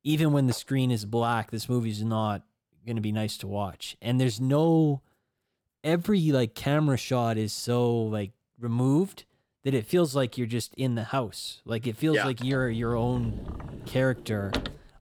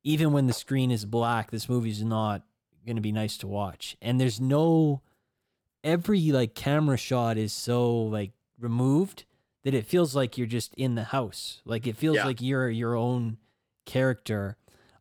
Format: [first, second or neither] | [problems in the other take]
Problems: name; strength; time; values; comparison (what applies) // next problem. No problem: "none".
second | door banging; noticeable; from 12 s on; peak 6 dB below the speech